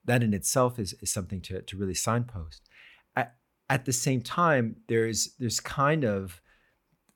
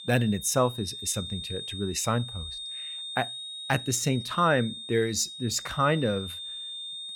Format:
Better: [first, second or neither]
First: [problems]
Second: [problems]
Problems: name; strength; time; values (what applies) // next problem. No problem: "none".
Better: first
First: none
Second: high-pitched whine; loud; throughout; 3.5 kHz, 9 dB below the speech